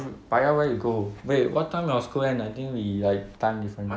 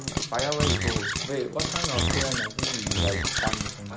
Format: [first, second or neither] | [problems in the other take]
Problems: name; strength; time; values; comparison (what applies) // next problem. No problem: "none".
first | background sound (Animal + Frying (food)); 5 dB above the speech